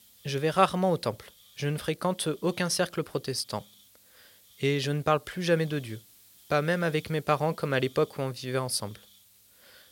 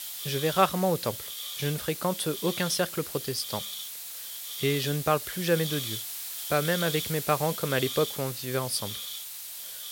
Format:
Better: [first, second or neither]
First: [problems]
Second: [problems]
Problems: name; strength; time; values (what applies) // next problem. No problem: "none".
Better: first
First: hiss; faint; throughout; 25 dB below the speech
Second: hiss; loud; throughout; 5 dB below the speech